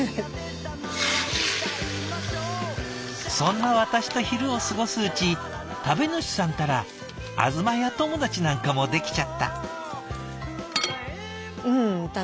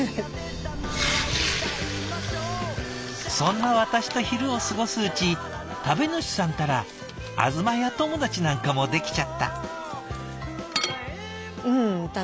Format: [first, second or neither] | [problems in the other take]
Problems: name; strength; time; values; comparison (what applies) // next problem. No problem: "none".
first | background sound (Subway, metro, underground); 16 dB below the speech